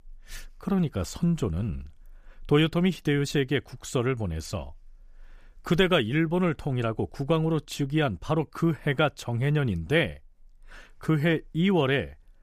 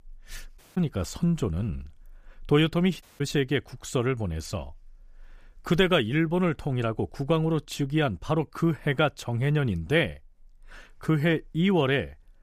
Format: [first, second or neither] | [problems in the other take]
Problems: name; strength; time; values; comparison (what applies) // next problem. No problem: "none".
first | audio cutting out; at 0.5 s and at 3 s